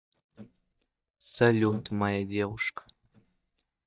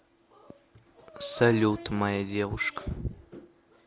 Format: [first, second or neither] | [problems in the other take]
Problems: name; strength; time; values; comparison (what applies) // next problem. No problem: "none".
second | noise reduction (neural mask model DeepFilterNet 3)